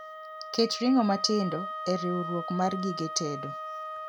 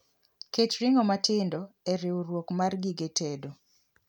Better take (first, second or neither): second